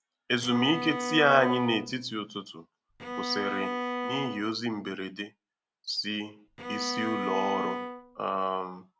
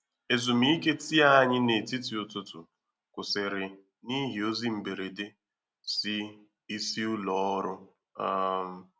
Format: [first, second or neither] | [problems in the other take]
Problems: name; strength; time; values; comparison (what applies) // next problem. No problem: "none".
second | background sound (Bowed string instrument); 4 dB below the speech